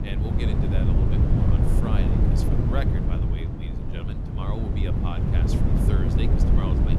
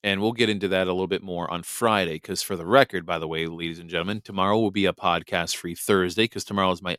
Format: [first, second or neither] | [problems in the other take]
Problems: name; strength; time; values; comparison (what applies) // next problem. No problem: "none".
second | wind noise on the microphone; heavy; 4 dB above the speech